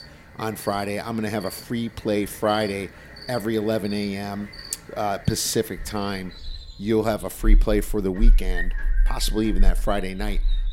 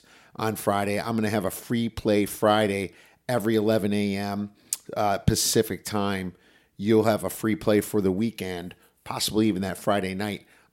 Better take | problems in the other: second | animal sounds; loud; throughout; 4 dB below the speech

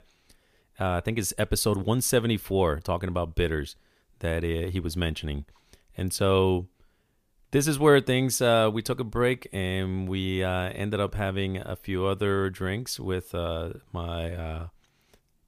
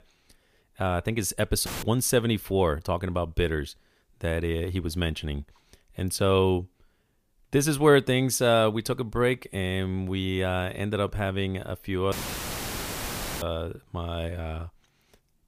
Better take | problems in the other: first | audio cutting out; filled with static; at 1.5 s and at 12 s for 1.5 s

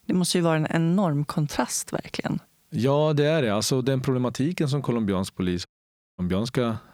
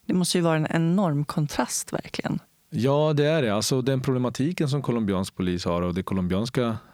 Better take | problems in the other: second | audio cutting out; at 5.5 s for 0.5 s

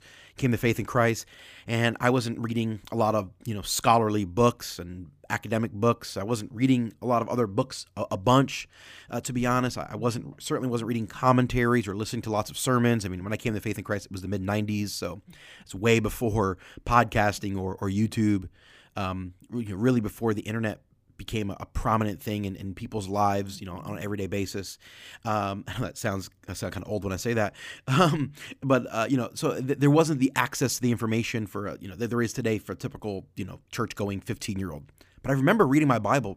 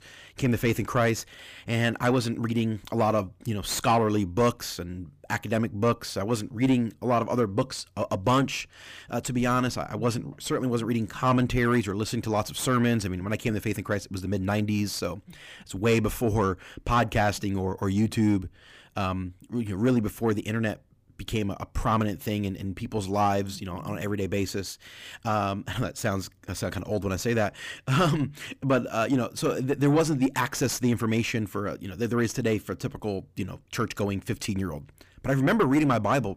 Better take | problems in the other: first | distortion; slight; 10 dB below the speech

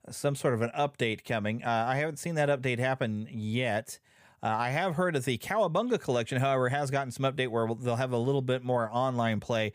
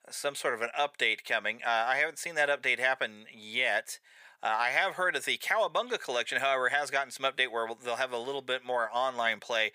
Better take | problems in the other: first | thin; very; fading below 600 Hz

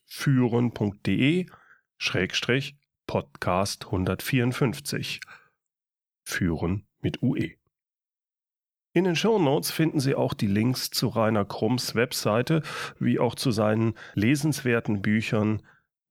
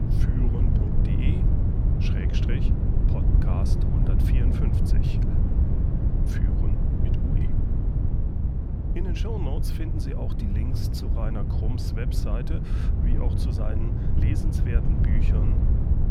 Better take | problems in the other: first | wind noise on the microphone; heavy; 3 dB above the speech

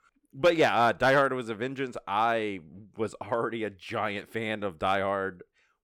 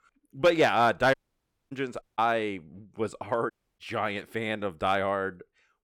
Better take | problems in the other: first | audio cutting out; at 1 s for 0.5 s, at 2 s and at 3.5 s

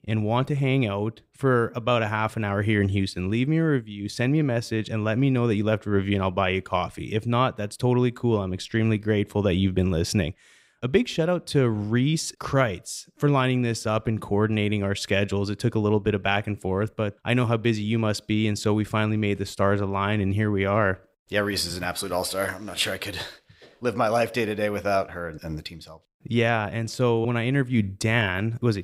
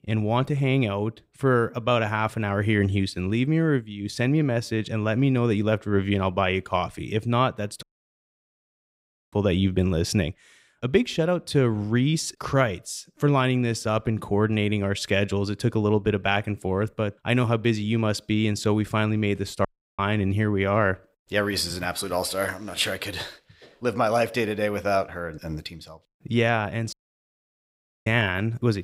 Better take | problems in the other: first | audio cutting out; at 8 s for 1.5 s, at 20 s and at 27 s for 1 s

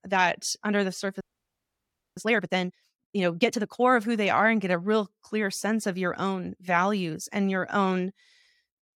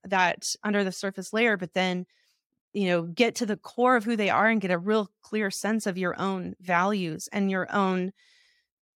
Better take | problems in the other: second | audio freezing; at 1 s for 1 s

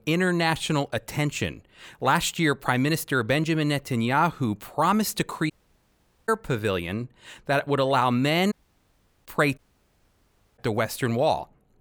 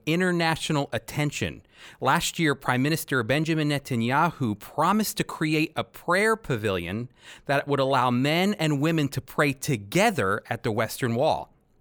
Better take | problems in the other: second | audio cutting out; at 5.5 s for 1 s, at 8.5 s for 0.5 s and at 9.5 s for 1 s

